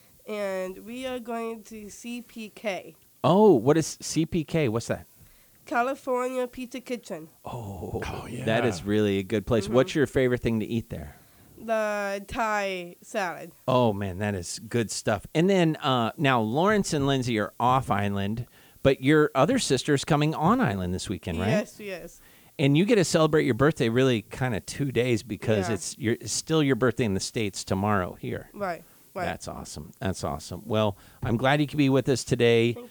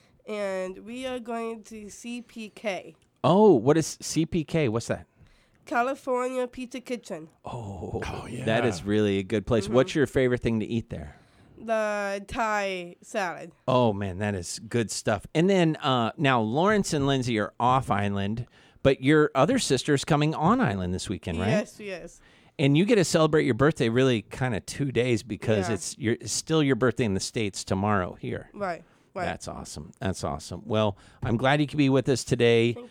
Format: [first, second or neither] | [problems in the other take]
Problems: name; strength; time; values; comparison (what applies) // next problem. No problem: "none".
second | hiss; faint; throughout; 30 dB below the speech